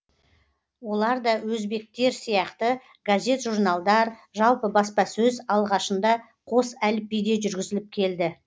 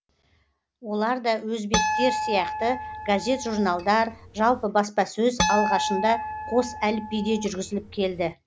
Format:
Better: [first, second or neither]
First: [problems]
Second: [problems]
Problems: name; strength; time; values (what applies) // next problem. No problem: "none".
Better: first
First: none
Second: background sound (Harp); 4 dB below the speech